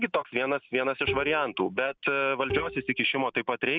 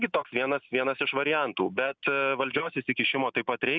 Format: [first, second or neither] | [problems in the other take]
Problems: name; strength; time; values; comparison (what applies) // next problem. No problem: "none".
second | background sound (Bowed string instrument); 10 dB below the speech